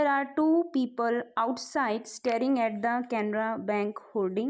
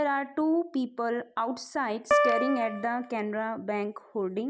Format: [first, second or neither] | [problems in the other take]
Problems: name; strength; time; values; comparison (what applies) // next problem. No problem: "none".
first | background sound (Piano); 1 dB above the speech